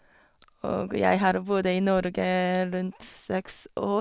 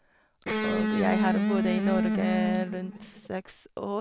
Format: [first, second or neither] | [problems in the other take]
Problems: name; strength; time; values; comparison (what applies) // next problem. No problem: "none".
first | background sound (Electric guitar); 5 dB above the speech